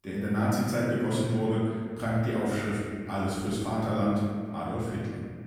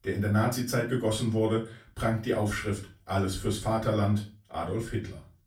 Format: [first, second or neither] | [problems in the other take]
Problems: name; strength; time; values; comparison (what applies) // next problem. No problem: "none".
second | room echo; strong; dies away in 2.1 s; slight in the second // off-mic speech; far; far in the second